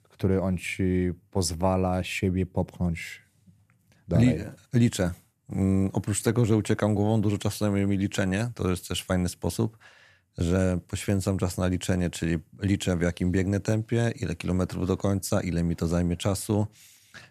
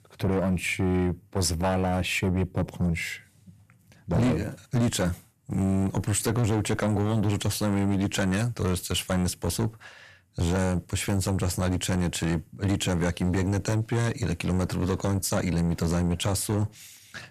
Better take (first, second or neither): first